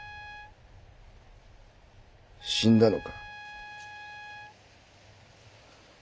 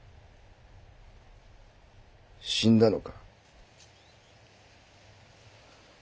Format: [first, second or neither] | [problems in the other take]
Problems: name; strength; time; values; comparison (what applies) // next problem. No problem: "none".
second | background sound (Trumpet); 17 dB below the speech